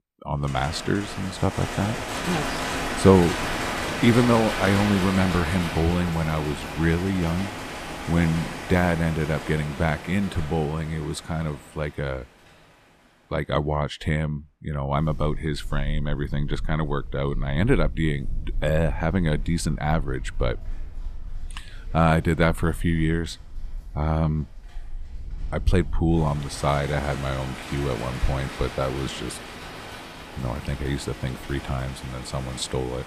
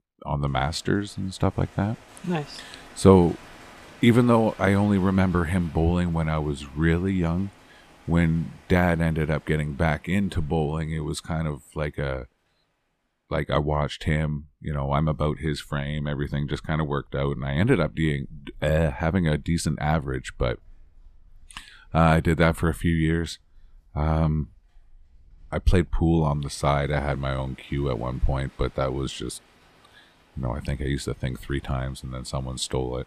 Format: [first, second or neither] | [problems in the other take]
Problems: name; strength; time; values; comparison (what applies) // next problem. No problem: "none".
second | animal sounds; loud; throughout; 8 dB below the speech; faint in the second